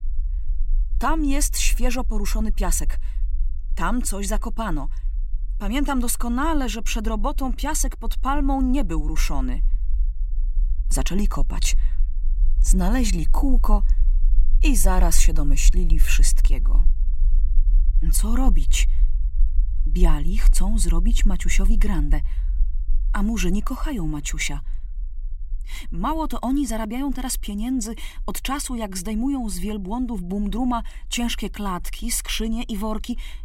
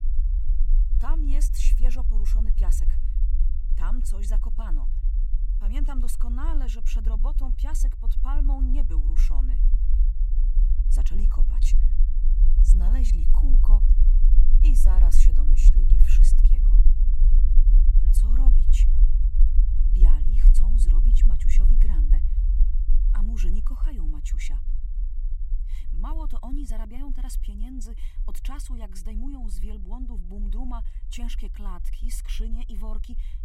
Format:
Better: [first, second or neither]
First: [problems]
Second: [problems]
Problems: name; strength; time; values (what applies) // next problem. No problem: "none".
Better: first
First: low rumble; faint; throughout; 25 dB below the speech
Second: low rumble; loud; throughout; 5 dB below the speech